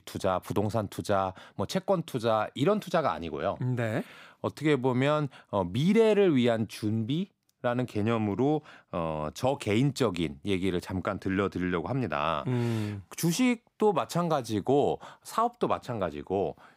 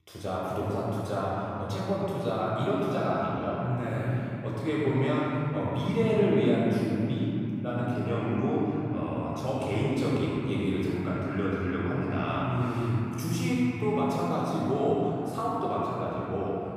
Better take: first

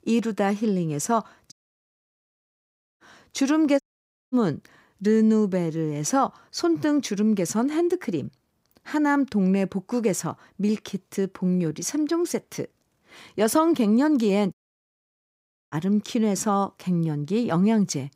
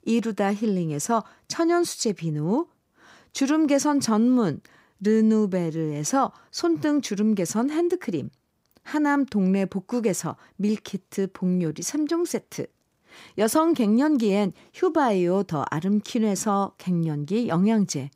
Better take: second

